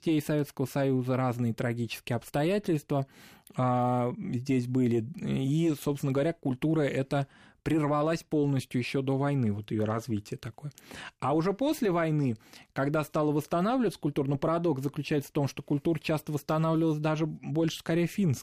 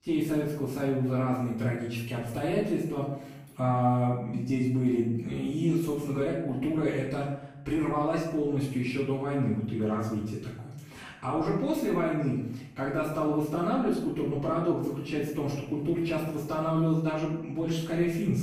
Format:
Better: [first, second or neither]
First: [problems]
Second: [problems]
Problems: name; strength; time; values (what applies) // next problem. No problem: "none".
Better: first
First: none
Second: off-mic speech; far // room echo; noticeable; dies away in 0.6 s